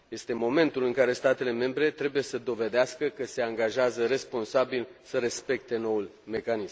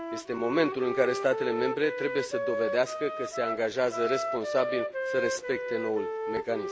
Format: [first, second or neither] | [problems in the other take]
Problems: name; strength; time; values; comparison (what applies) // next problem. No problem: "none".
first | background sound (Wind instrument, woodwind instrument); 4 dB below the speech